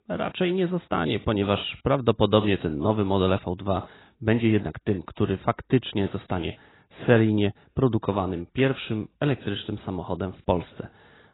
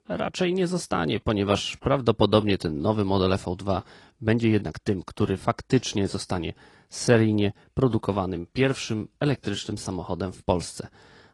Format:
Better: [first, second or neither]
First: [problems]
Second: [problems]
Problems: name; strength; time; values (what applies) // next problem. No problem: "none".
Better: second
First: garbled, watery; badly; nothing above 4 kHz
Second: garbled, watery; slightly; nothing above 10.5 kHz